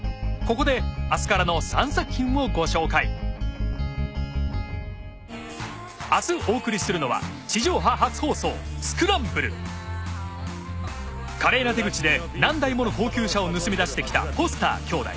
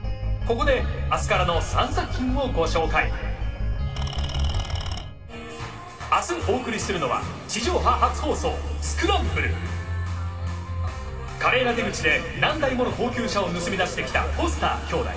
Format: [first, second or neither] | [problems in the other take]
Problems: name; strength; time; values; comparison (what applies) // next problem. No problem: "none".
first | background sound (Engine / Tools); 10 dB below the speech // room echo; dies away in 2.3 s